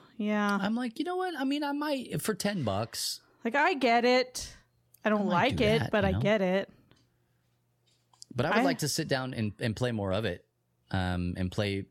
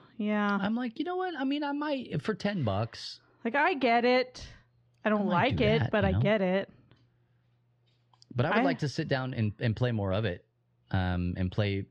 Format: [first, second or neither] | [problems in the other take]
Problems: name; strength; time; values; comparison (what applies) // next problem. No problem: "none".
first | muffled; very slightly; fading above 4 kHz